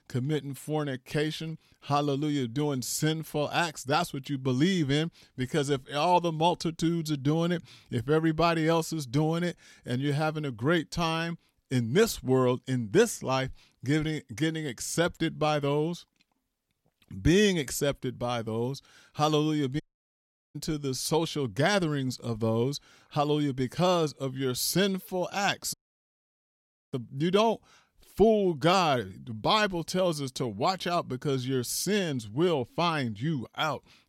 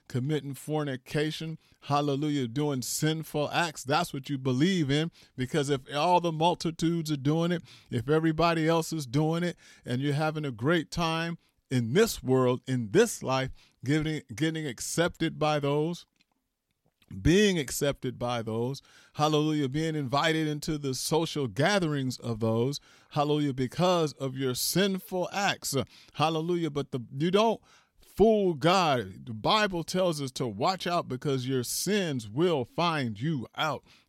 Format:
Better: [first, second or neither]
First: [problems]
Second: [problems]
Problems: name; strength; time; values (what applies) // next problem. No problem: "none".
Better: second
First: audio cutting out; at 20 s for 0.5 s and at 26 s for 1 s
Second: none